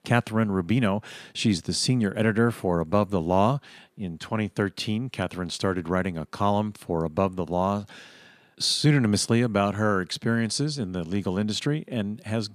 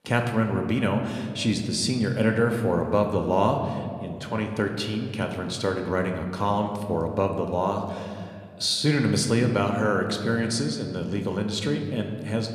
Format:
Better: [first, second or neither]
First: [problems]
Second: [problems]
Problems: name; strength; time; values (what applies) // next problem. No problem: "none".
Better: first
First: none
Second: room echo; slight; dies away in 1.6 s